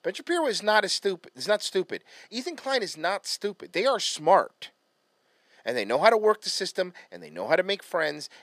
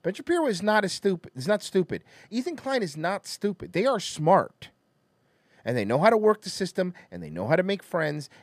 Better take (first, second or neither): second